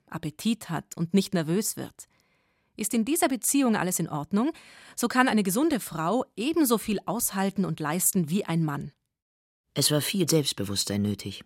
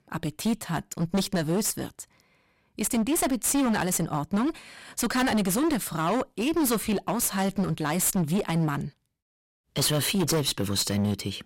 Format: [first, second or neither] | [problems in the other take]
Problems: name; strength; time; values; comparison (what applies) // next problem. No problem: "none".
first | distortion; heavy; 18% of the sound clipped